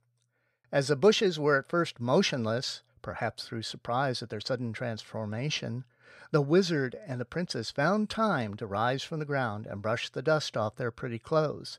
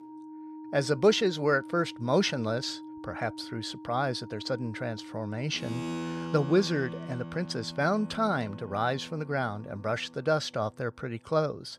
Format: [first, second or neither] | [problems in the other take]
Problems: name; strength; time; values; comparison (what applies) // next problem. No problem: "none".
first | background music; noticeable; throughout; 10 dB below the speech